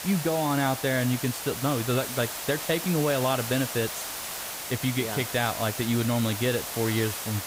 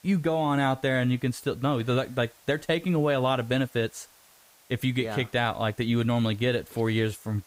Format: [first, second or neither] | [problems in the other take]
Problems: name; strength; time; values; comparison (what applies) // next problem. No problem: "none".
second | hiss; loud; throughout; 5 dB below the speech; faint in the second